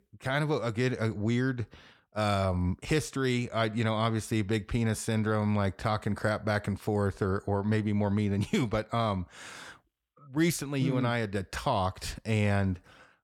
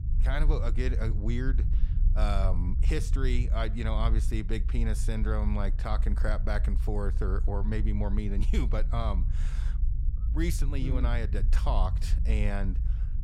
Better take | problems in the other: first | low rumble; noticeable; throughout; 15 dB below the speech

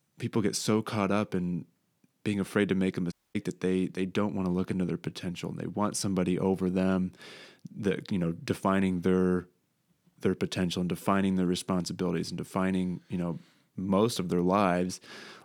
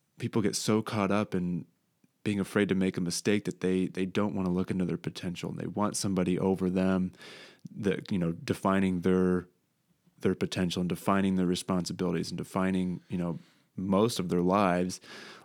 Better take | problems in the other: second | audio cutting out; at 3 s

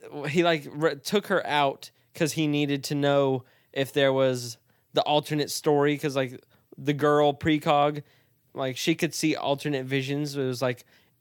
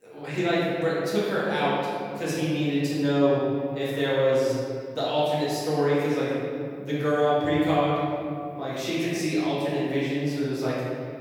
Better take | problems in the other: first | room echo; strong; dies away in 2.3 s // off-mic speech; far

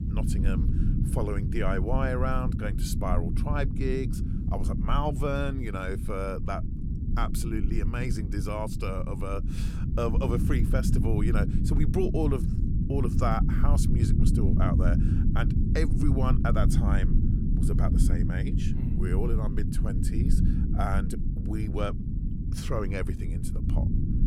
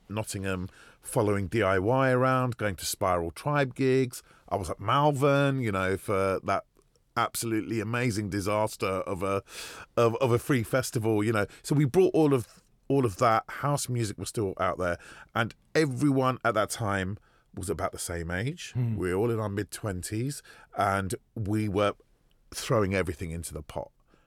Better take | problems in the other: second | low rumble; loud; throughout; 5 dB below the speech

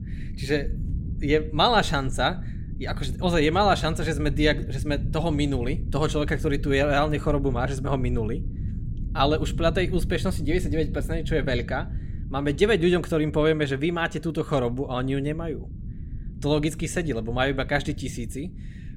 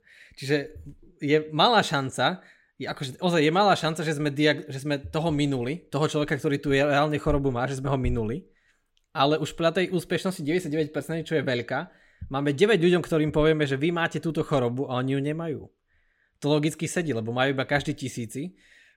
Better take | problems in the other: second | low rumble; faint; throughout; 20 dB below the speech

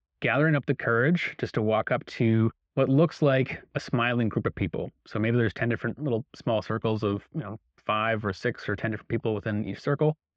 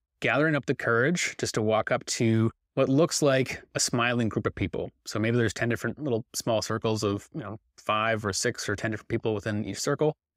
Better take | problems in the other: second | muffled; very; fading above 3.5 kHz

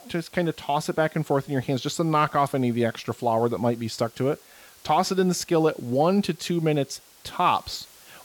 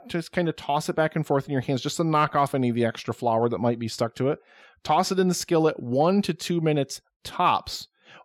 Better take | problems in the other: second | hiss; faint; throughout; 25 dB below the speech

